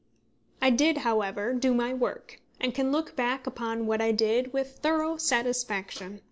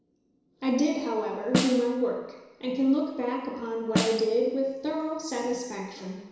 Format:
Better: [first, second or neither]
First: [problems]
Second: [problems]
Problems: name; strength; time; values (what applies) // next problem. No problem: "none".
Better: first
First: none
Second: background sound (Snare drum); 5 dB below the speech // room echo; dies away in 1 s